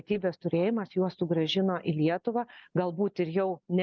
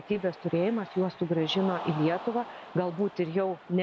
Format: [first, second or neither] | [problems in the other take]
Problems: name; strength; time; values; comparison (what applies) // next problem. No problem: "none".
first | background sound (Cheering); 14 dB below the speech